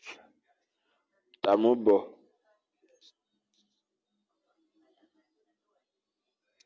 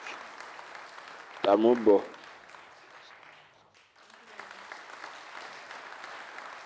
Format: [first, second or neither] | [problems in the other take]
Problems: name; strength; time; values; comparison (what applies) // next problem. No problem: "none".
first | background sound (Applause); 14 dB below the speech